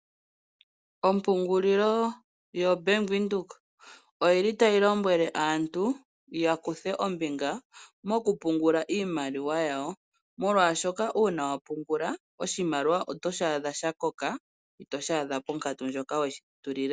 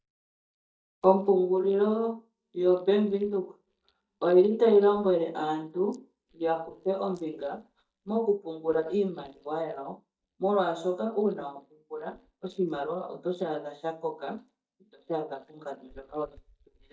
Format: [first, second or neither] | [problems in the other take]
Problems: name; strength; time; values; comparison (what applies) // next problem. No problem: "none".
first | noise reduction (neural mask model DeepFilterNet 3)